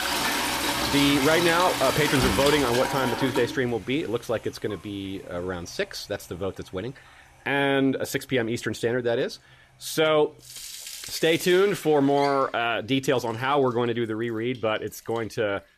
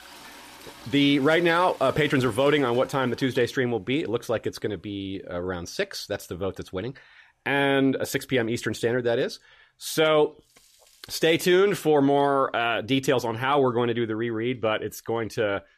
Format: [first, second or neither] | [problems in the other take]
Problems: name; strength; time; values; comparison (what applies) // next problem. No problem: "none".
second | household noises; loud; throughout; 3 dB below the speech; faint in the second